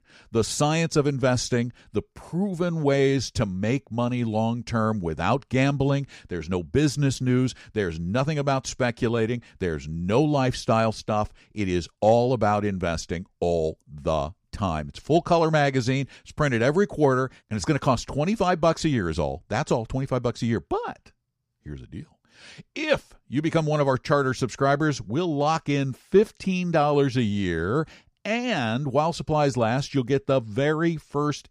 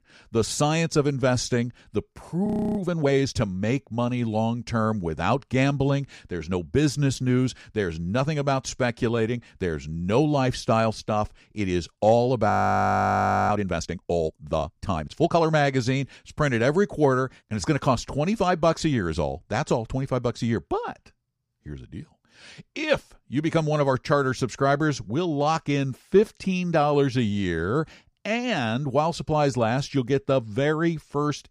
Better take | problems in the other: first | audio freezing; at 2.5 s and at 13 s for 1 s

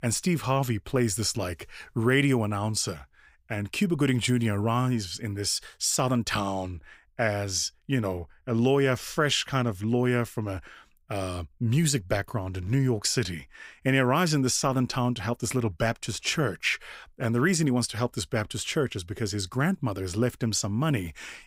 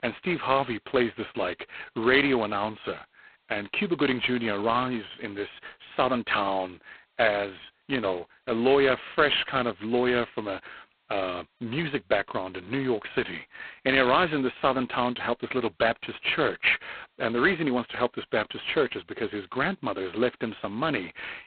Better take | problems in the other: first | phone-call audio; poor line; nothing above 4 kHz

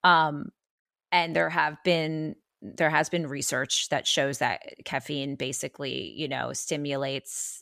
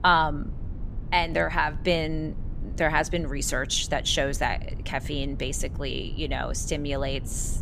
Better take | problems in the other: first | low rumble; faint; throughout; 25 dB below the speech

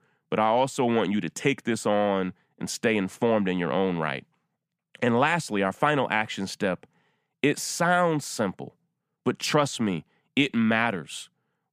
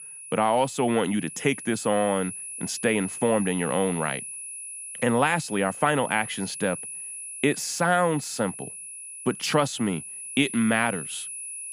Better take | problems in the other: first | high-pitched whine; loud; throughout; 10.5 kHz, 10 dB below the speech

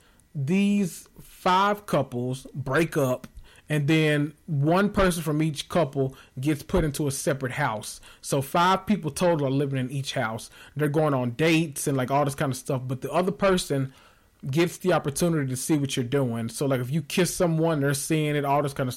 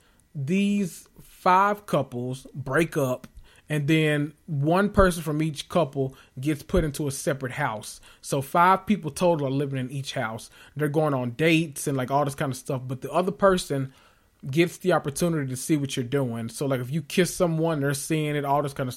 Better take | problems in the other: second | distortion; slight; 10 dB below the speech

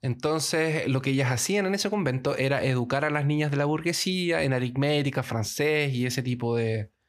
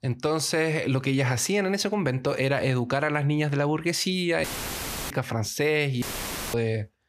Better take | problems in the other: first | audio cutting out; filled with static; at 4.5 s for 0.5 s and at 6 s for 0.5 s

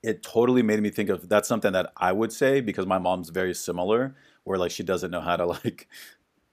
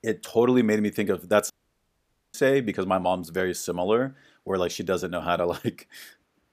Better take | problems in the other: first | audio cutting out; at 1.5 s for 1 s

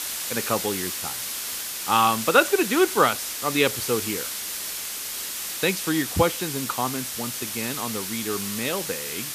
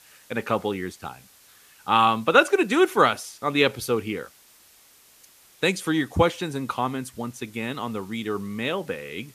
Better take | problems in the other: second | hiss; loud; throughout; 4 dB below the speech; faint in the second

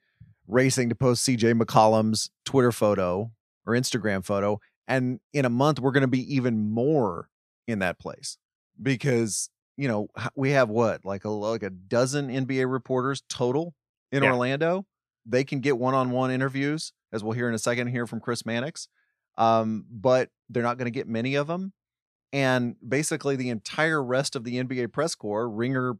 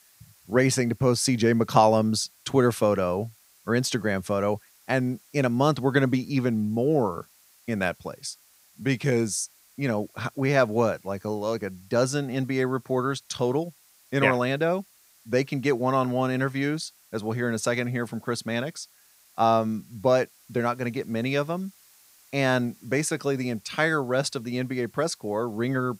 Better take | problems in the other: first | hiss; faint; throughout; 30 dB below the speech

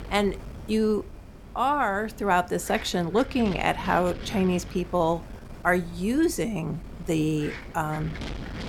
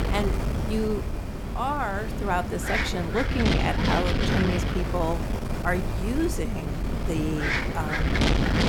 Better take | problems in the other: first | wind noise on the microphone; heavy; as loud as the speech; occasional gusts in the first

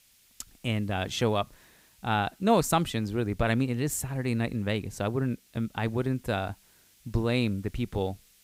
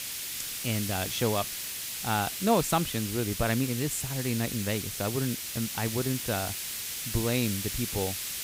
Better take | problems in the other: first | hiss; loud; throughout; 3 dB below the speech; faint in the first

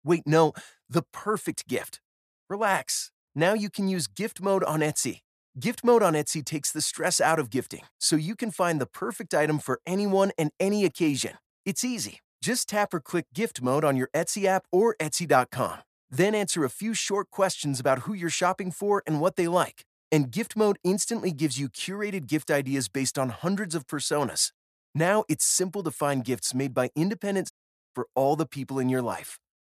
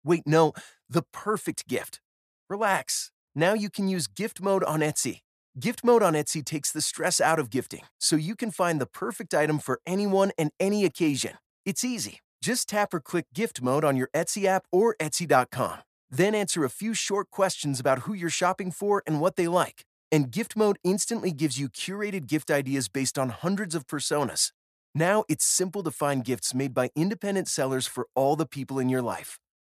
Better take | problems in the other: second | audio cutting out; at 28 s

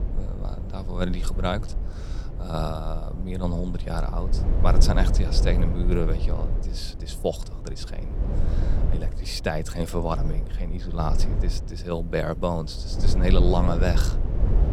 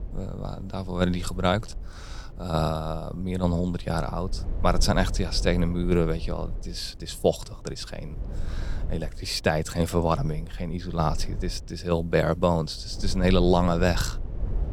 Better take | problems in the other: second | low rumble; loud; throughout; 9 dB below the speech; faint in the second

